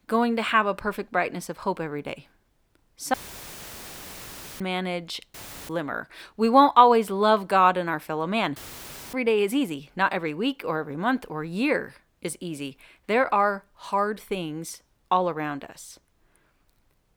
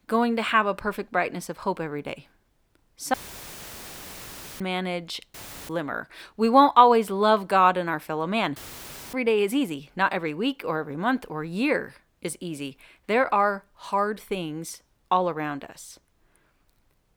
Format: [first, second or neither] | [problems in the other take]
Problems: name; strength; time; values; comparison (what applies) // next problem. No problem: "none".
neither | audio cutting out; filled with static; at 3 s for 1.5 s, at 5.5 s and at 8.5 s for 0.5 s; the same in both